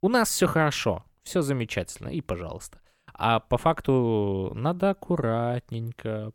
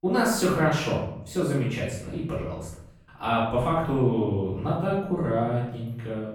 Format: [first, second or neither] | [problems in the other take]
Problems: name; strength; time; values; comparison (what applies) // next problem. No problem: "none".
first | off-mic speech; far // room echo; noticeable; dies away in 0.7 s